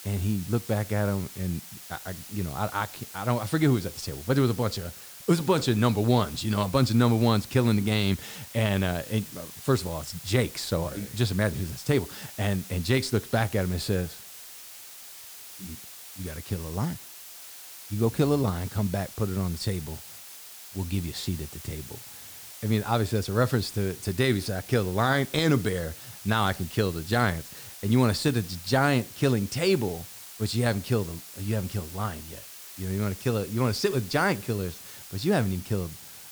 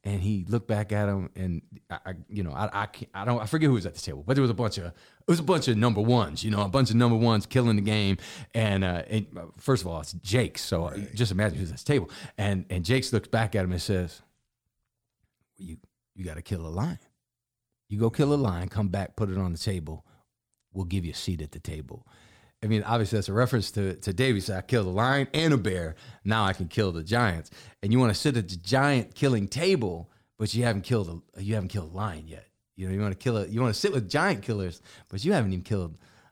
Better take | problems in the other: second | hiss; noticeable; throughout; 15 dB below the speech

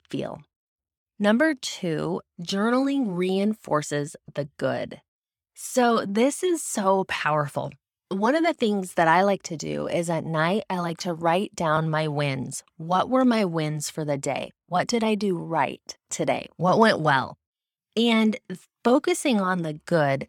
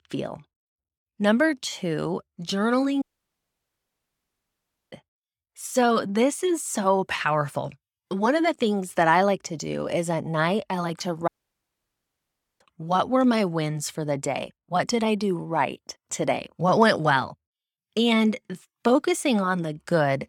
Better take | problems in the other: first | audio cutting out; at 3 s for 2 s and at 11 s for 1.5 s

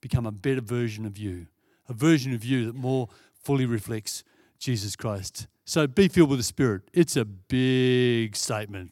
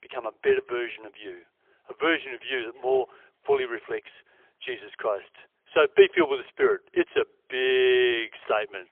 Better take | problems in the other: first | phone-call audio; poor line; nothing above 3.5 kHz

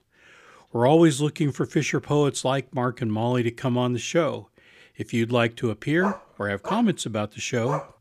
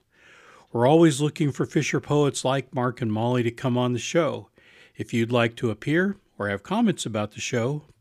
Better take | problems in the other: second | dog barking; noticeable; from 6 s on; peak 8 dB below the speech

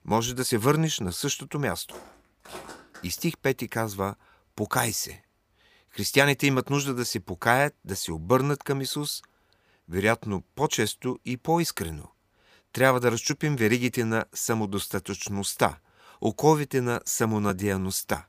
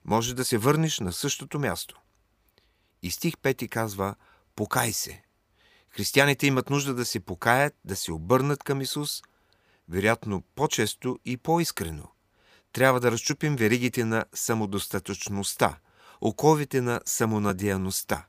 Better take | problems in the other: second | footsteps; faint; from 2 to 3 s; peak 15 dB below the speech

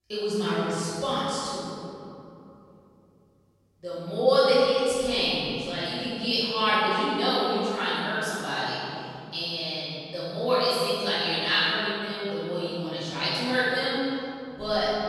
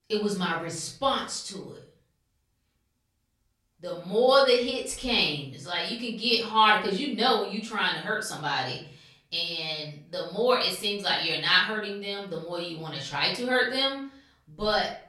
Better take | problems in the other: second | room echo; strong; dies away in 2.7 s; slight in the second // off-mic speech; far; far in the second

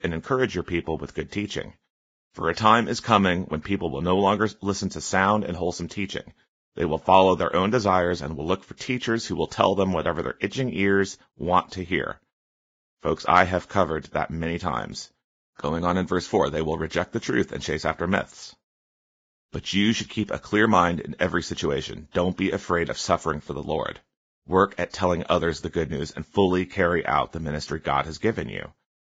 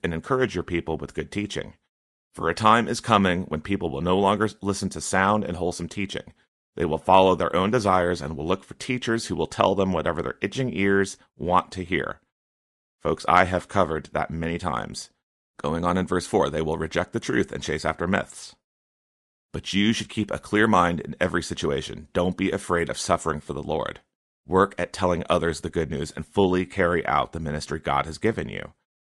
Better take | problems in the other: second | garbled, watery; badly; nothing above 7.5 kHz; slightly in the second

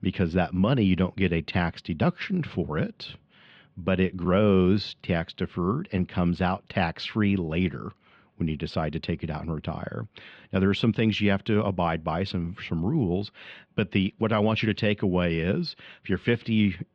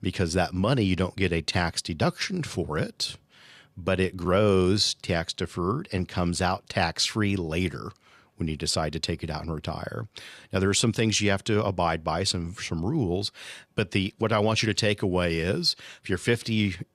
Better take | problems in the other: second | muffled; slightly; fading above 3 kHz

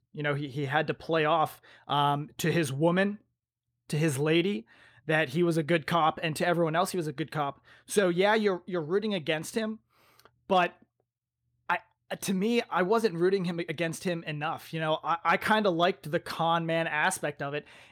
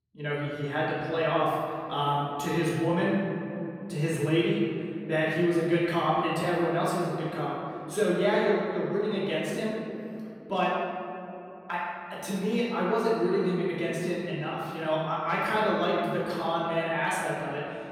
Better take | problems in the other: first | room echo; strong; dies away in 2.7 s // off-mic speech; far

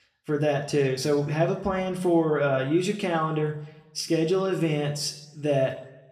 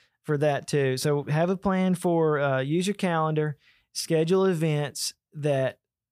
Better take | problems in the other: second | room echo; slight; dies away in 0.7 s // off-mic speech; somewhat distant

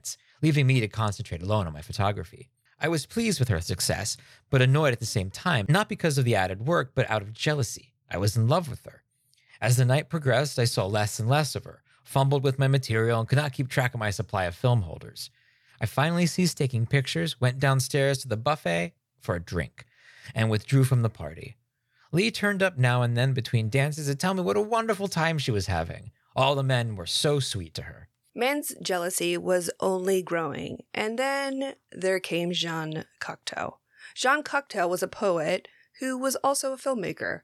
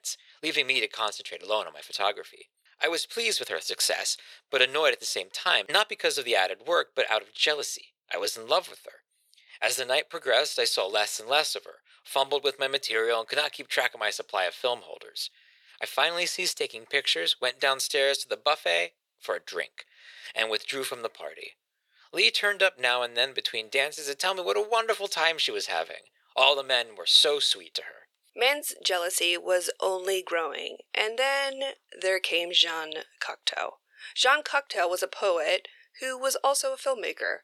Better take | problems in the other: first | thin; very; fading below 450 Hz

